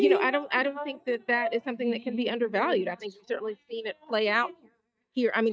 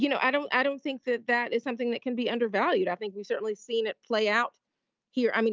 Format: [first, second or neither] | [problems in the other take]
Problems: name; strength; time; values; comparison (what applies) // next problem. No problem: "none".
second | noise reduction (neural mask model DeepFilterNet 3)